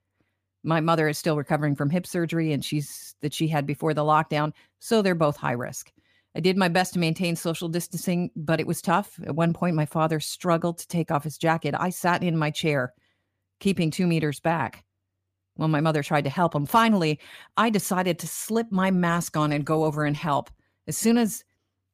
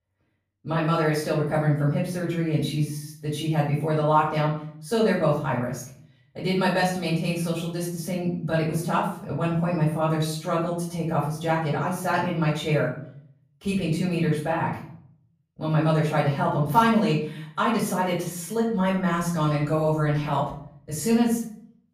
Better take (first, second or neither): first